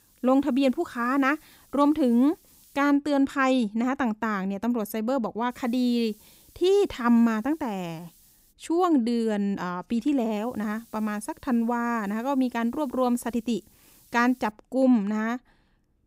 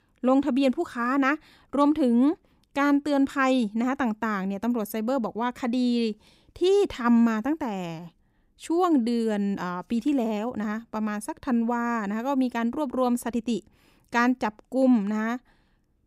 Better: second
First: hiss; faint; until 3 s, from 5.5 to 8.5 s and from 10 to 15 s; 30 dB below the speech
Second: none

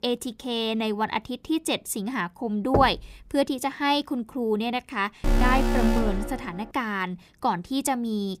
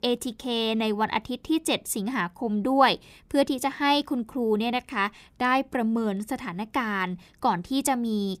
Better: second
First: door banging; noticeable; at 2.5 s; peak 1 dB below the speech // alarm; loud; from 5 to 6.5 s; peak 2 dB above the speech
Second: none

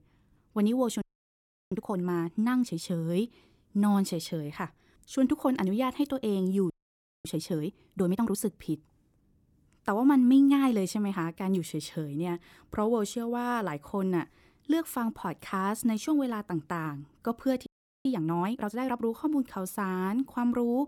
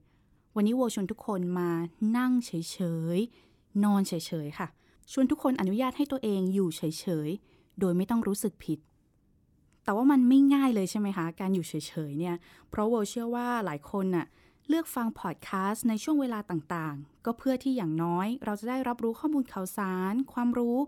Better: second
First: audio freezing; at 1 s for 0.5 s, at 6.5 s for 0.5 s and at 18 s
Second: none

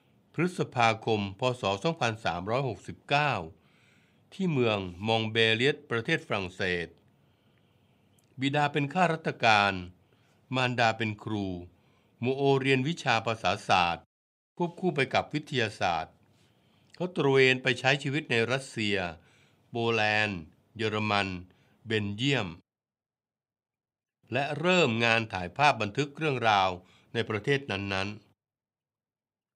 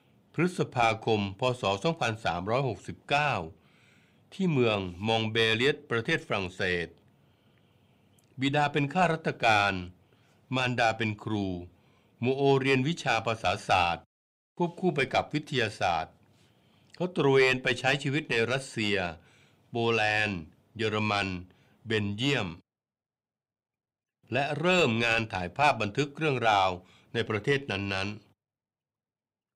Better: first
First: none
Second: distortion; slight; 9 dB below the speech

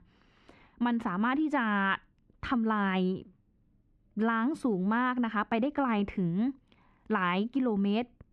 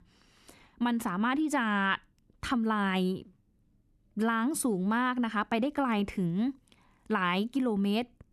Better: second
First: muffled; slightly; fading above 2.5 kHz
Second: none

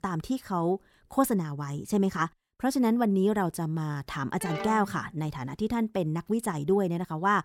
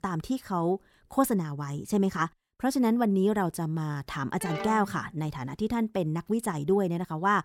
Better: neither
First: phone ringing; noticeable; at 4.5 s; peak 7 dB below the speech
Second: phone ringing; noticeable; at 4.5 s; peak 7 dB below the speech

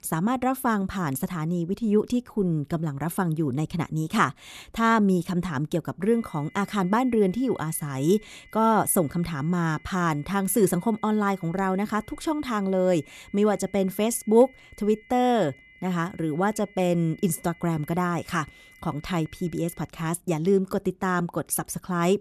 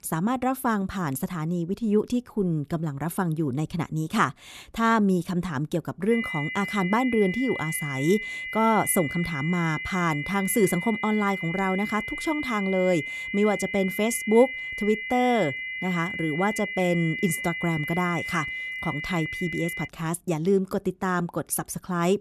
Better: first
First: high-pitched whine; faint; from 6 to 20 s; 2 kHz, 25 dB below the speech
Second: high-pitched whine; loud; from 6 to 20 s; 2 kHz, 5 dB below the speech

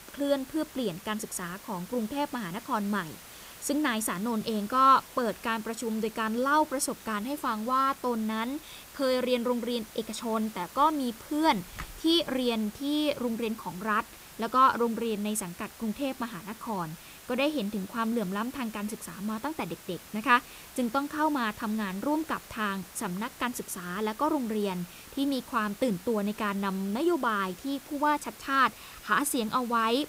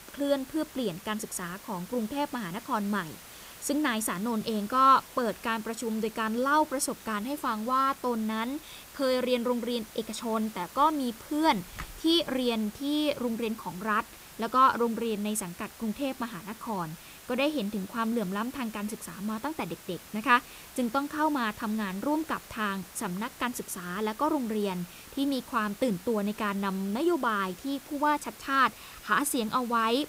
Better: neither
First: hiss; noticeable; throughout; 15 dB below the speech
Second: hiss; noticeable; throughout; 15 dB below the speech

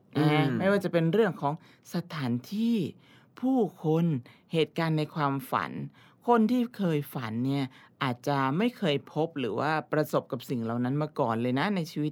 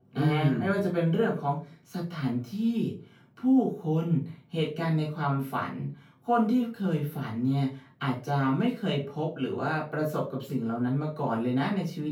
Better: first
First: none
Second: off-mic speech; far // room echo; slight; dies away in 0.3 s

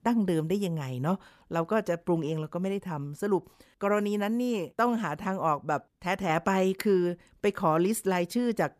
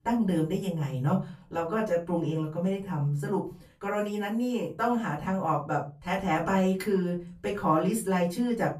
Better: first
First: none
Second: room echo; slight; dies away in 0.3 s // off-mic speech; far

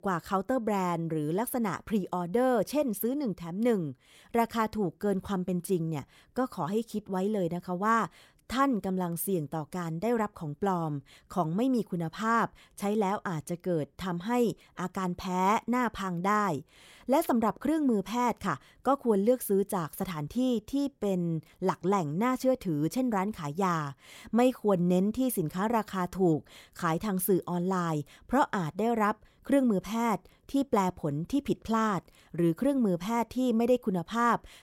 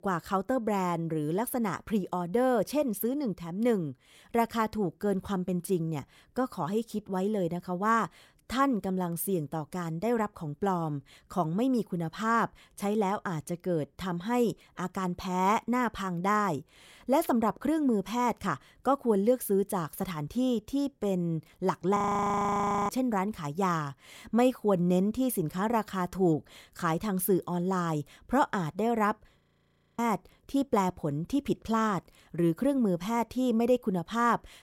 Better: first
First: none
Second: audio freezing; at 22 s for 1 s and at 29 s for 0.5 s

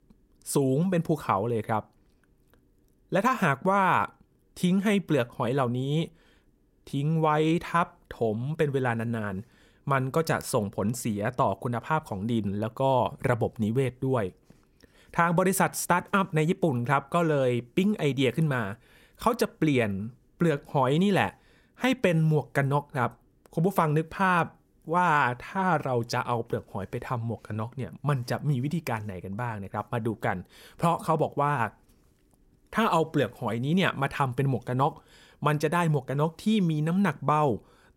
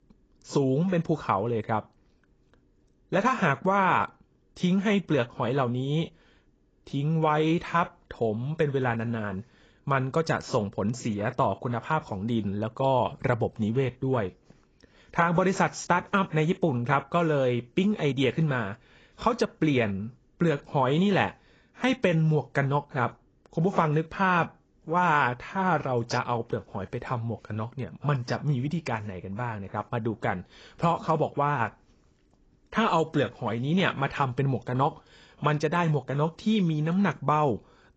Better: first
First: none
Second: garbled, watery; badly; nothing above 7.5 kHz

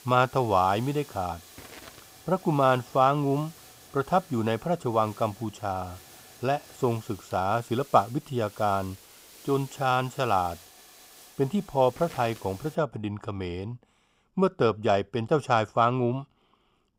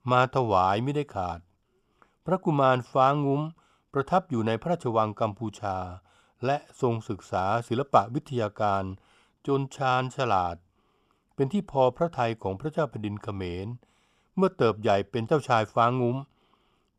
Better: second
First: hiss; faint; until 13 s; 20 dB below the speech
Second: none

